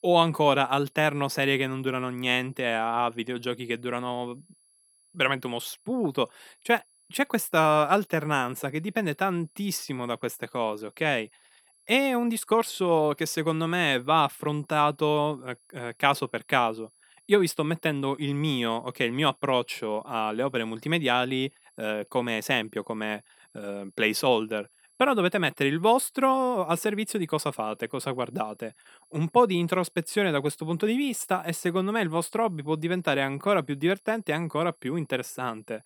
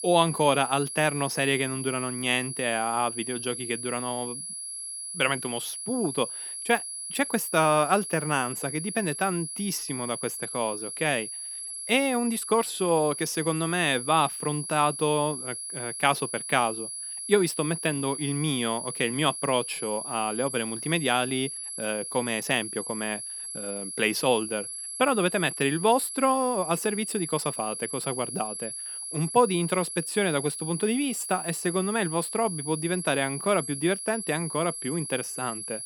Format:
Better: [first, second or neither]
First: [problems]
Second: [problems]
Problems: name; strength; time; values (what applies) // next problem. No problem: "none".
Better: first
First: high-pitched whine; faint; throughout; 11 kHz, 35 dB below the speech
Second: high-pitched whine; loud; throughout; 11 kHz, 6 dB below the speech